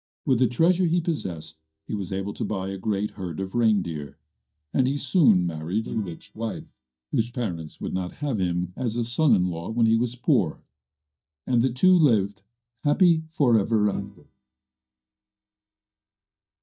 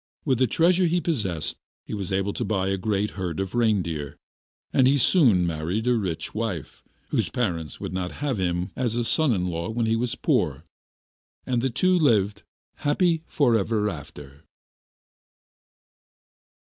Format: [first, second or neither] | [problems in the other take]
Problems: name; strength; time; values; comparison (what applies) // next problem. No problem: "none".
second | noise reduction (neural mask model DeepFilterNet 3)